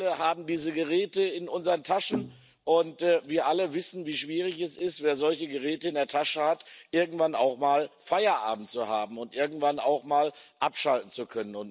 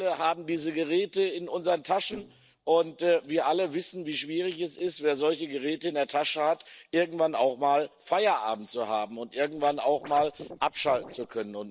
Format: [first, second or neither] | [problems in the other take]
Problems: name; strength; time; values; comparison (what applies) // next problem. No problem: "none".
first | noise reduction (neural separator model SepFormer DNS4)